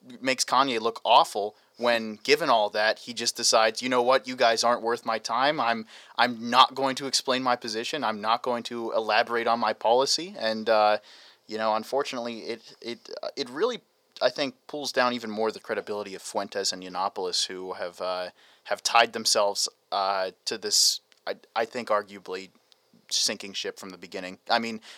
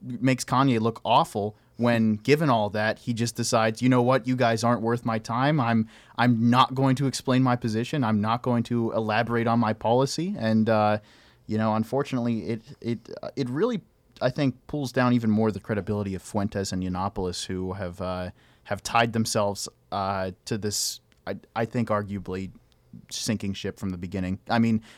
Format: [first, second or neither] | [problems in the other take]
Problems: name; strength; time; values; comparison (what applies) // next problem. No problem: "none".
second | thin; somewhat; fading below 550 Hz